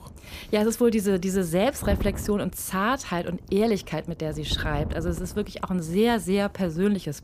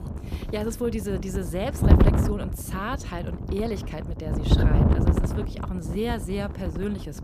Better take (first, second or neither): first